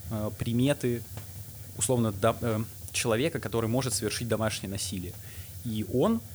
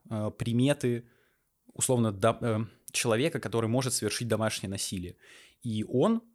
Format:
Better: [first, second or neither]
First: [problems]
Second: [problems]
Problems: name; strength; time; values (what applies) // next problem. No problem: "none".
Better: second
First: hiss; noticeable; throughout; 15 dB below the speech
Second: none